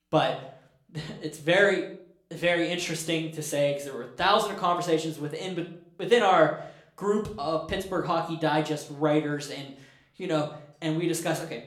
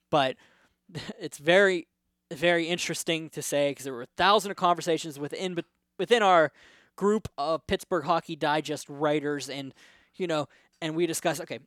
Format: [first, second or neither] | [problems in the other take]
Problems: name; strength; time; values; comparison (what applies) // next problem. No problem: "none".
second | room echo; slight; dies away in 0.4 s // off-mic speech; somewhat distant